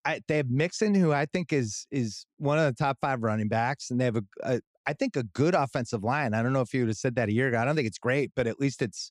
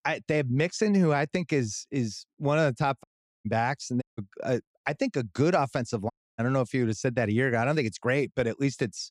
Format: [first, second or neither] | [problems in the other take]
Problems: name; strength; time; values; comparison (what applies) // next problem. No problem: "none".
first | audio cutting out; at 3 s, at 4 s and at 6 s